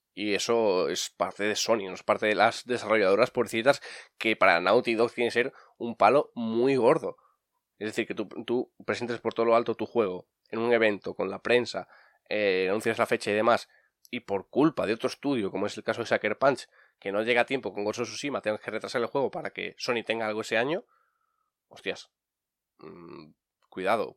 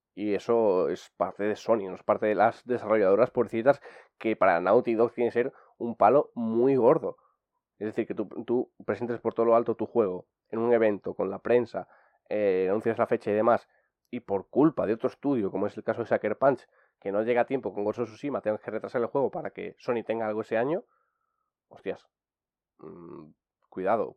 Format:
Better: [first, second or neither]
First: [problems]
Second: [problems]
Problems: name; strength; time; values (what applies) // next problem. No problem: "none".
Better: first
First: none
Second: muffled; very; fading above 2 kHz